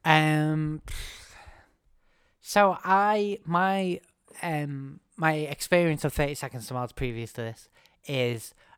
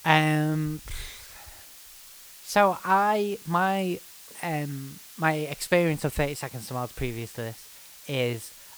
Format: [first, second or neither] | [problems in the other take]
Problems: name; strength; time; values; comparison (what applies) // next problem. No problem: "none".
first | hiss; noticeable; throughout; 15 dB below the speech